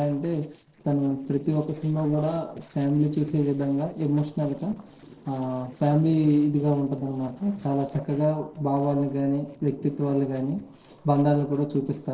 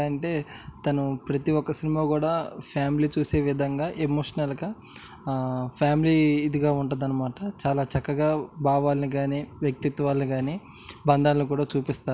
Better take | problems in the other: second | noise reduction (neural separator model SepFormer DNS4)

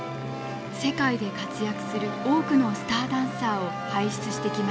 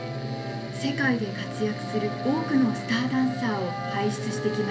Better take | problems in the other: first | background sound (Mechanical fan); 12 dB below the speech // room echo; dies away in 0.3 s

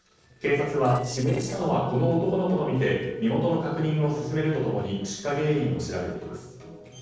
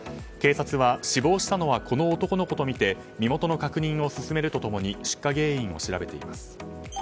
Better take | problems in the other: second | noise reduction (neural separator model SepFormer DNS4)

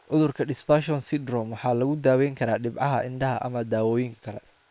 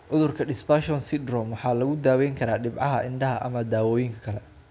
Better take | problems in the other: second | noise reduction (neural separator model SepFormer WHAM!)

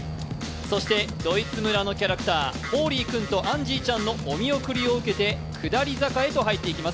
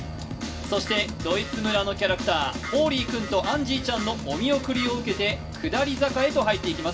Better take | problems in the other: first | room echo; dies away in 0.2 s

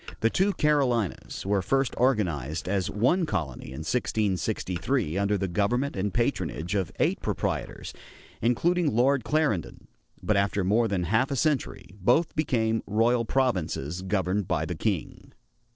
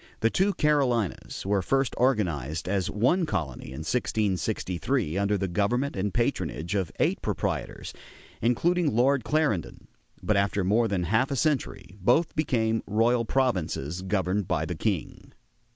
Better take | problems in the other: second | noise reduction (neural separator model SepFormer DNS4)

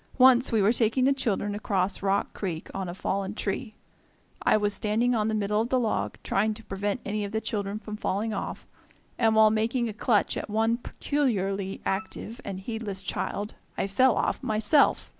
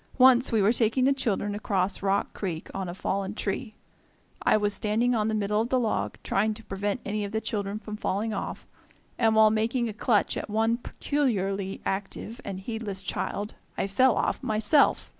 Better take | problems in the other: second | background sound (Wind instrument, woodwind instrument); 18 dB below the speech

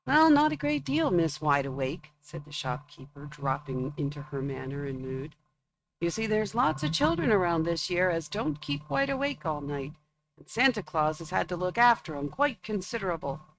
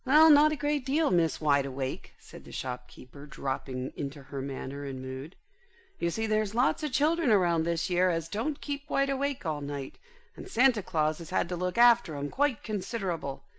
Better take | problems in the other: second | noise reduction (neural mask model RNNoise)

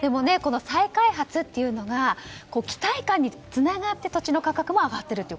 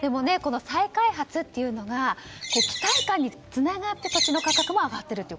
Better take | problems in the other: first | background sound (Bird); as loud as the speech

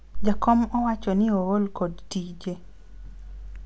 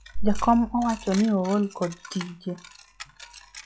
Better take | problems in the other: first | noise reduction (classical method log-MMSE)

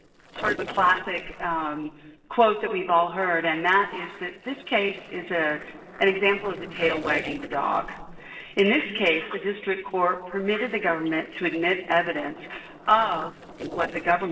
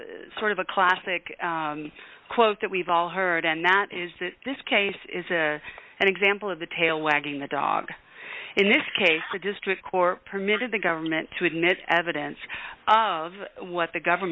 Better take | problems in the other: second | noise reduction (neural separator model SepFormer DNS4)

